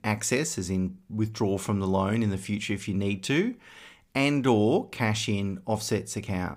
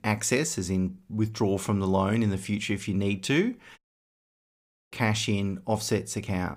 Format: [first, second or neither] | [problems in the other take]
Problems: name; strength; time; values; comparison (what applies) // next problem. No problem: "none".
first | audio cutting out; at 4 s for 1 s